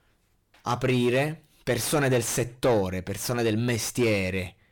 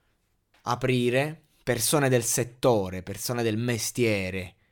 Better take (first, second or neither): second